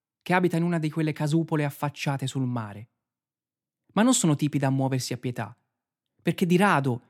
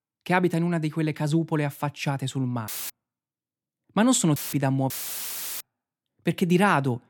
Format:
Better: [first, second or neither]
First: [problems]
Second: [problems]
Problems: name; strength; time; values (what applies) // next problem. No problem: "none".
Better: first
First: none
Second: audio cutting out; filled with static; at 2.5 s, at 4.5 s and at 5 s for 0.5 s